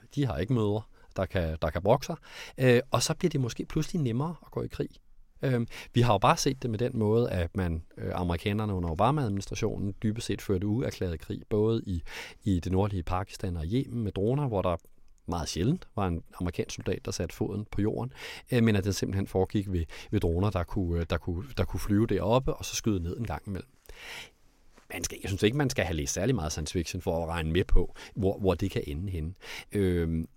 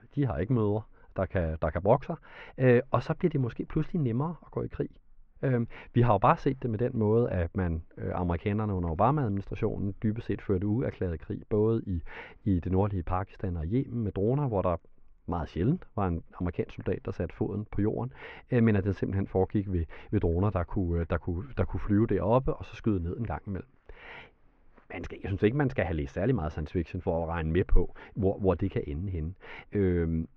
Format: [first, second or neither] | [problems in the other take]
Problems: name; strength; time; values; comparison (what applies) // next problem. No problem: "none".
first | muffled; very; fading above 2 kHz